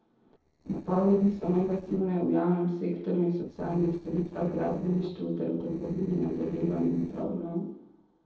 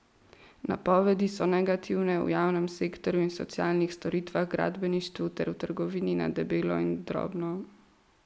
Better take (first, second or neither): second